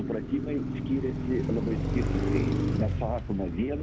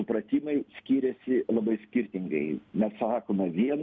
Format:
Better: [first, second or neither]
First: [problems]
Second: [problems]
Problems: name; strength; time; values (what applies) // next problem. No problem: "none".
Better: second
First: background sound (Car passing by); 2 dB above the speech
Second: none